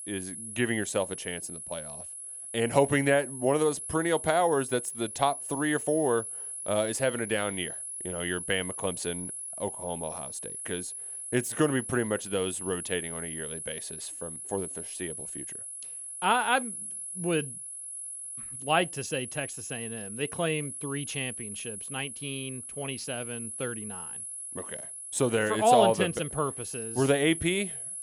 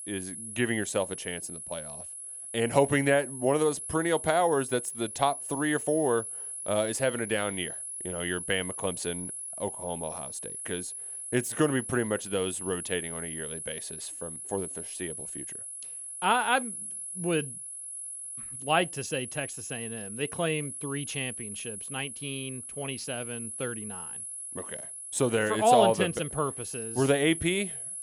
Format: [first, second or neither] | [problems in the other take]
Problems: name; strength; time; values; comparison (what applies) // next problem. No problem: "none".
neither | high-pitched whine; loud; throughout; 10.5 kHz, 7 dB below the speech; the same in both